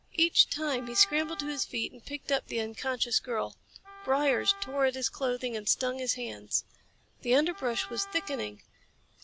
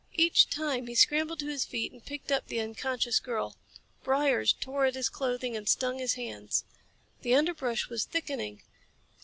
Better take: second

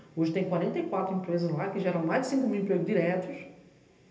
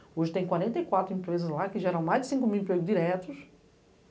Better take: second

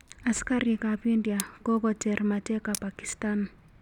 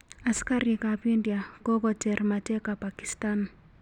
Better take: second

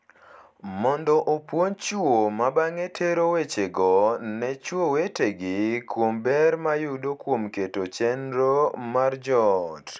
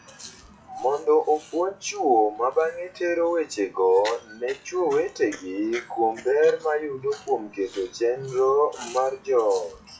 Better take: first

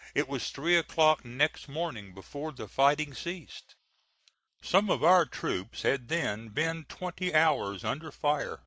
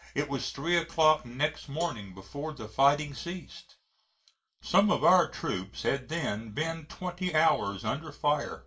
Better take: first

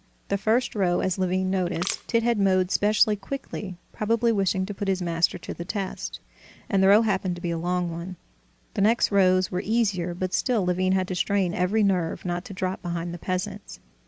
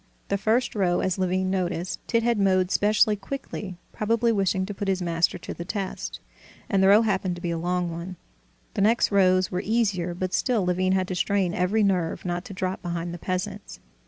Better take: second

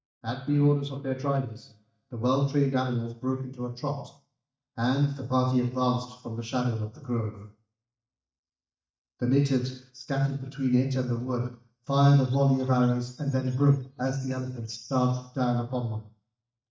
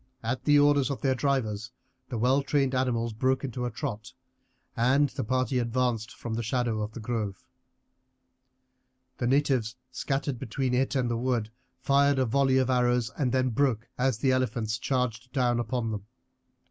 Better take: second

